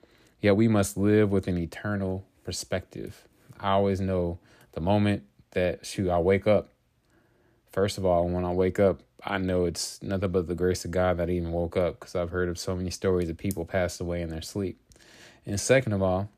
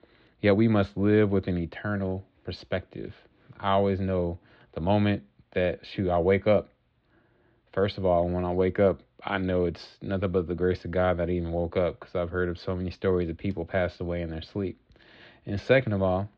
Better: first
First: none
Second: muffled; slightly; fading above 4 kHz

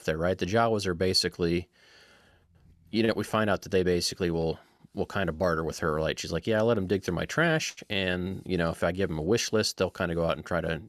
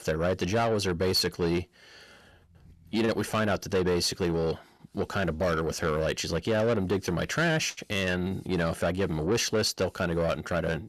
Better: first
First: none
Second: distortion; slight; 10 dB below the speech

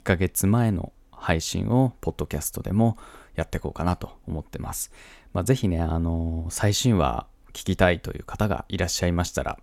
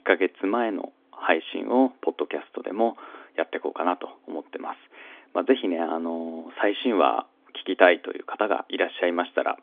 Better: first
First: none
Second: phone-call audio; nothing above 3.5 kHz

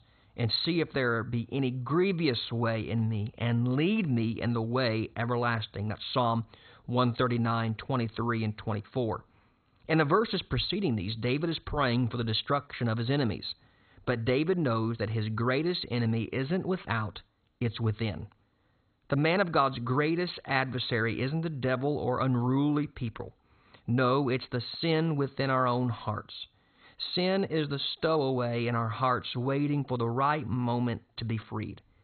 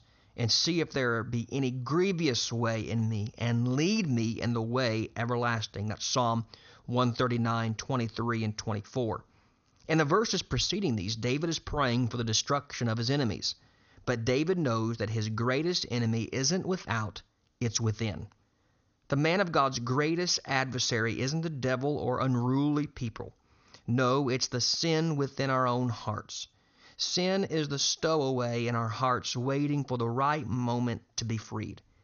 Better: second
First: garbled, watery; badly; nothing above 4 kHz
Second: garbled, watery; slightly; nothing above 6.5 kHz

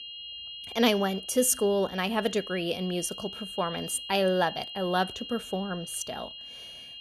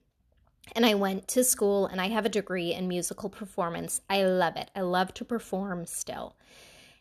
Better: second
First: high-pitched whine; noticeable; throughout; 3 kHz, 10 dB below the speech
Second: none

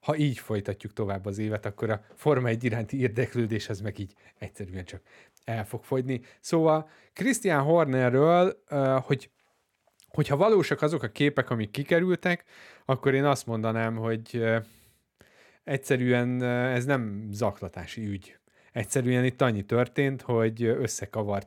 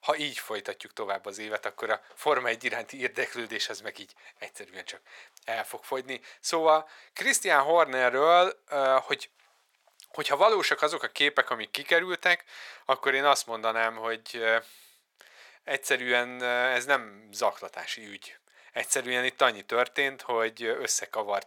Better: first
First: none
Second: thin; very; fading below 850 Hz

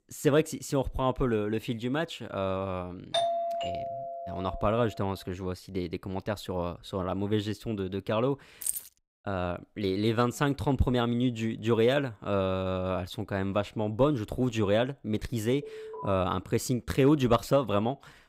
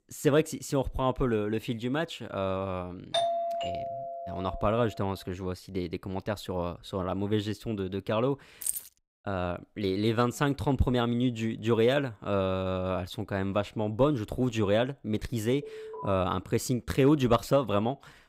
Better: neither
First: doorbell; loud; from 3 to 4.5 s; peak 1 dB above the speech // jangling keys; noticeable; at 8.5 s; peak 3 dB below the speech // alarm; faint; at 16 s; peak 10 dB below the speech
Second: doorbell; loud; from 3 to 4.5 s; peak 1 dB above the speech // jangling keys; noticeable; at 8.5 s; peak 3 dB below the speech // alarm; faint; at 16 s; peak 10 dB below the speech

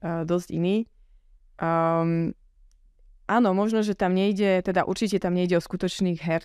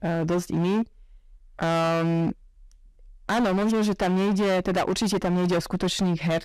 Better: first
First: none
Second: distortion; heavy; 23% of the sound clipped

